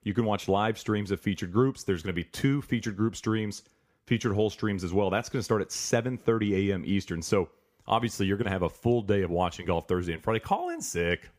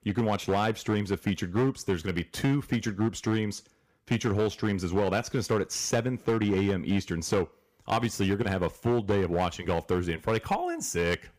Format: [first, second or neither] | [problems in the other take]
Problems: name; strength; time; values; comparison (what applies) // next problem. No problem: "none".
first | distortion; slight; 9% of the sound clipped